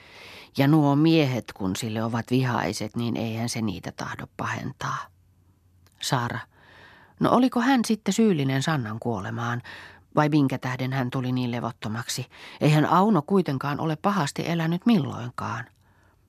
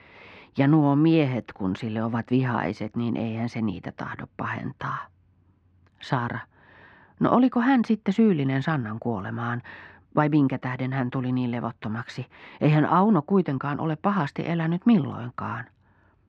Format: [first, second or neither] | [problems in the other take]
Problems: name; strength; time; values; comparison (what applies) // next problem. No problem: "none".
first | muffled; slightly; fading above 2 kHz